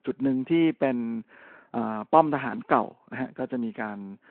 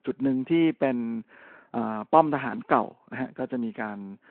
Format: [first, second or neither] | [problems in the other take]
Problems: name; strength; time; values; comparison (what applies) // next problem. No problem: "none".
neither | phone-call audio; the same in both